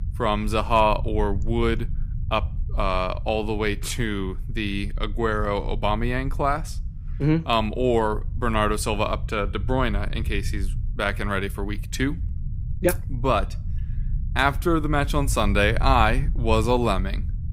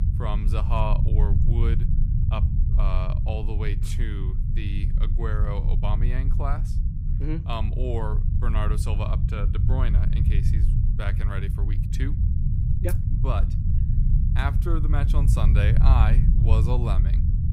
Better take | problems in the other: first | low rumble; loud; throughout; 5 dB below the speech; faint in the first

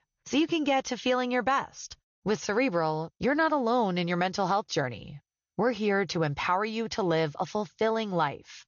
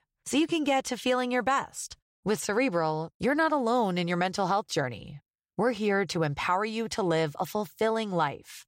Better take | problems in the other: second | garbled, watery; slightly; nothing above 6.5 kHz

